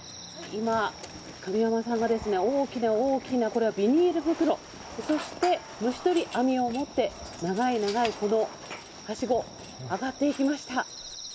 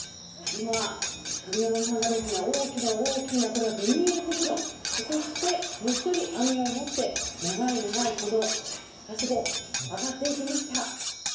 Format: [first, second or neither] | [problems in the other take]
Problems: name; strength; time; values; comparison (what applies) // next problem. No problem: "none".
first | background sound (Cutlery, silverware); 4 dB below the speech // room echo; dies away in 0.7 s